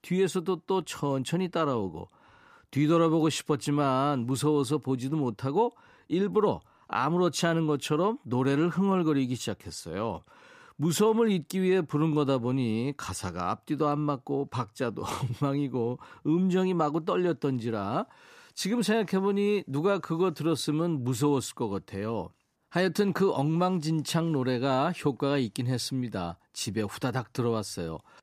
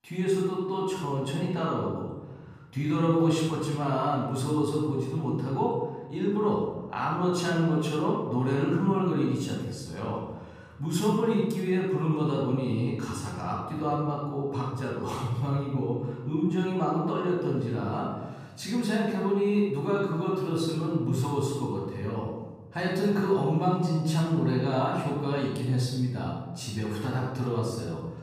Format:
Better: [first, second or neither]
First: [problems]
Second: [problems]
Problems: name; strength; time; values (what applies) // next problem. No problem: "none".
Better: first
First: none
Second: off-mic speech; far // room echo; noticeable; dies away in 1.3 s